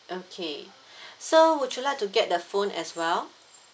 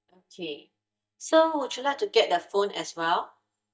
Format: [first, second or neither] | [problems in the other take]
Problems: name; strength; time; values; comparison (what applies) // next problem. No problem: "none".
first | noise reduction (neural mask model DeepFilterNet 3)